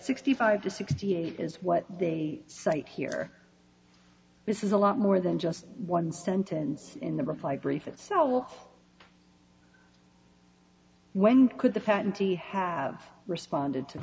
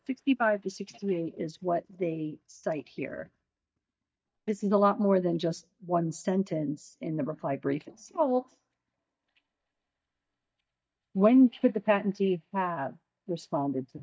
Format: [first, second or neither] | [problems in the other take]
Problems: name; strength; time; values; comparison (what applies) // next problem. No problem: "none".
first | noise reduction (neural mask model DeepFilterNet 3)